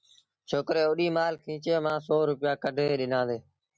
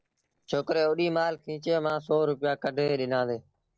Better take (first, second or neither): first